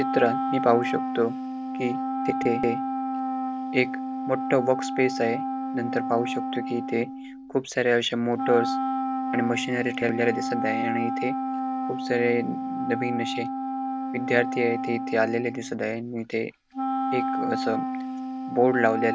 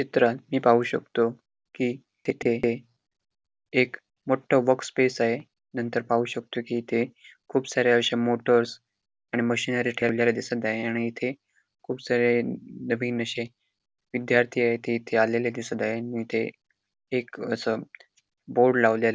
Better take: second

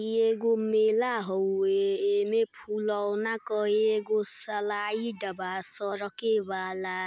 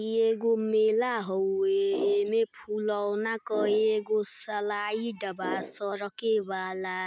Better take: first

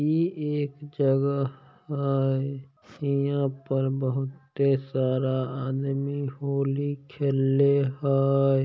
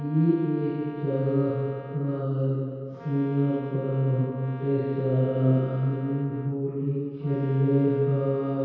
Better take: first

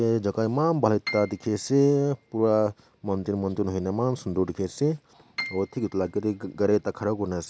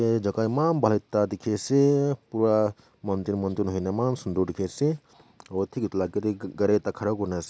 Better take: second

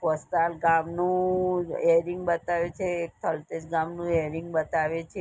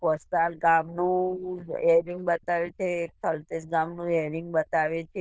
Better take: first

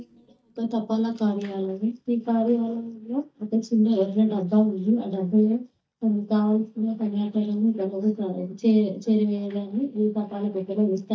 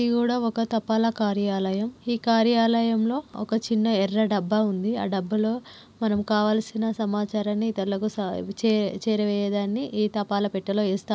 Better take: second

